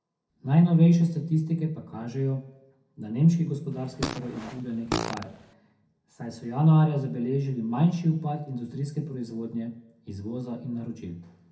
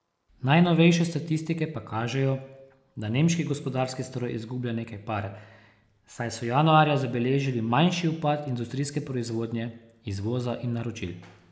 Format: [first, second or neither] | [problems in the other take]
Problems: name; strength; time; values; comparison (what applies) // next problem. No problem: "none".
second | background sound (Fart); 8 dB below the speech // room echo; dies away in 0.3 s